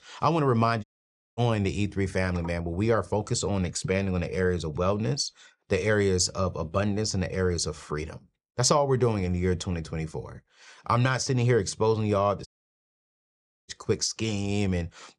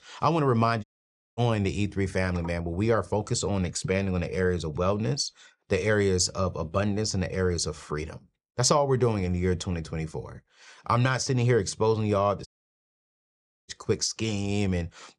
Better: neither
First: audio cutting out; at 1 s for 0.5 s and at 12 s for 1 s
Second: audio cutting out; at 1 s for 0.5 s and at 12 s for 1 s

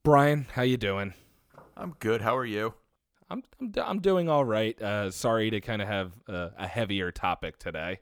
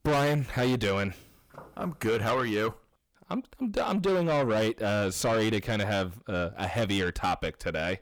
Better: first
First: none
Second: distortion; heavy; 6 dB below the speech

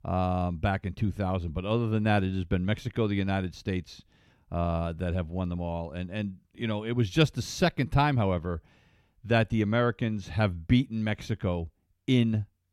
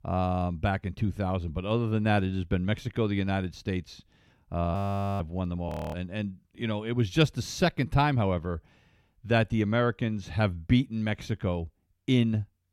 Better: first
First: none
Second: audio freezing; at 5 s and at 5.5 s

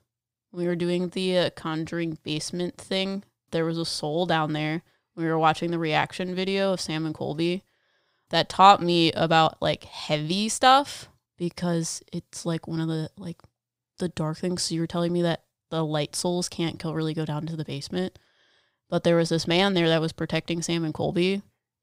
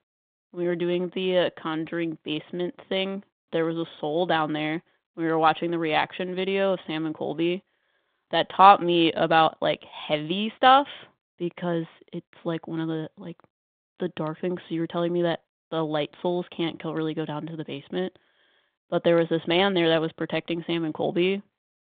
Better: first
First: none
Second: phone-call audio; nothing above 3.5 kHz

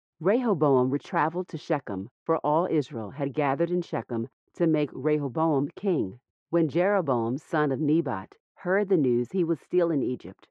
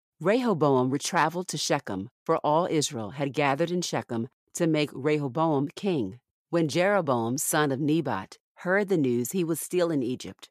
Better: second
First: muffled; very; fading above 2 kHz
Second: none

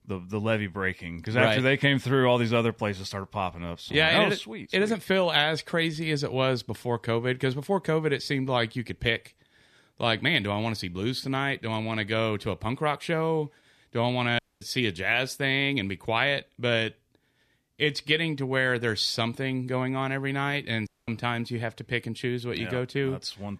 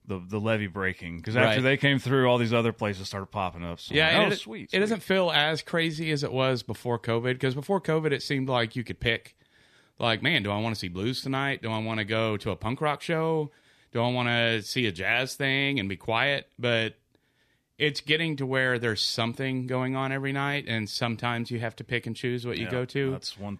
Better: second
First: audio cutting out; at 14 s and at 21 s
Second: none

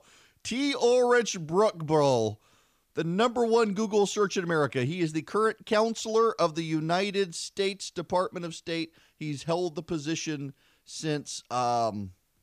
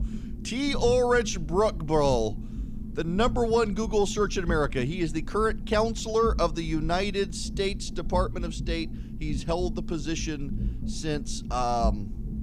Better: first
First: none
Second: low rumble; noticeable; throughout; 20 dB below the speech

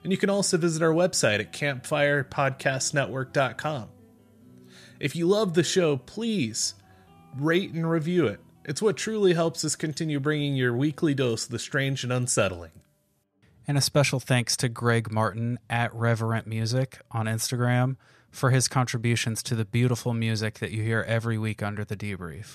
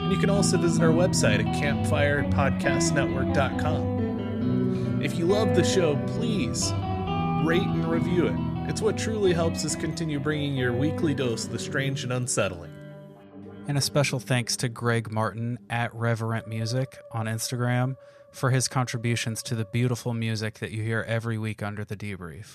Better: first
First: background music; faint; throughout; 30 dB below the speech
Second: background music; loud; throughout; as loud as the speech

